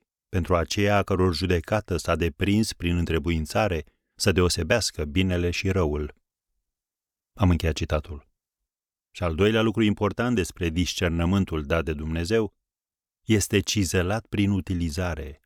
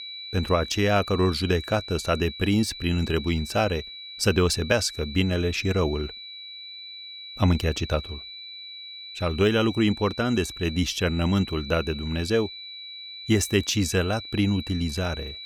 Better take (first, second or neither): first